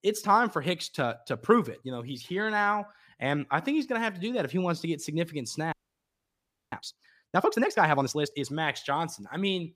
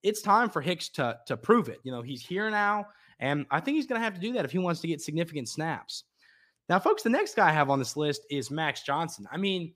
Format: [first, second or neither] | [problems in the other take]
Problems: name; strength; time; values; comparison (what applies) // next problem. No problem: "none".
second | audio freezing; at 5.5 s for 1 s